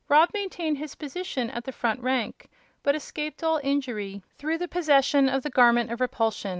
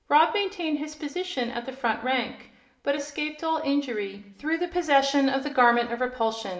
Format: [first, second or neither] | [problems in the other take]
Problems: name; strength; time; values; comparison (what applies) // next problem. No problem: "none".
first | room echo; dies away in 0.6 s